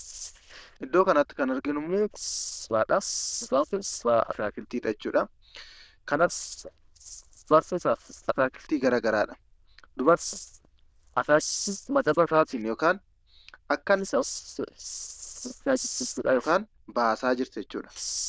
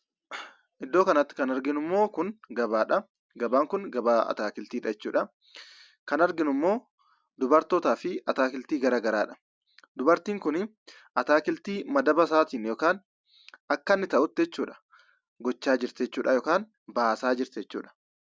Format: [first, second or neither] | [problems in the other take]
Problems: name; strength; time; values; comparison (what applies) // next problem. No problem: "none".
second | noise reduction (neural diffusion model UNIVERSE++)